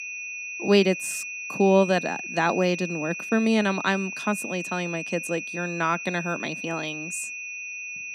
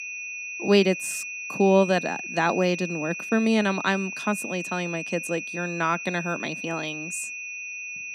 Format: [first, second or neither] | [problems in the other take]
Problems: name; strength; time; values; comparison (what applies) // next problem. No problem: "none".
neither | high-pitched whine; loud; throughout; 2.5 kHz, 7 dB below the speech; the same in both